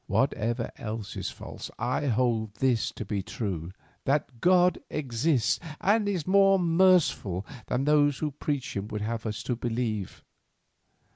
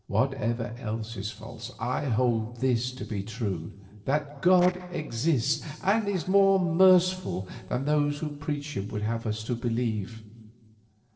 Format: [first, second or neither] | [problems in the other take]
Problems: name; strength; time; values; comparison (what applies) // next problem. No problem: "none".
first | noise reduction (neural separator model SepFormer DNS4)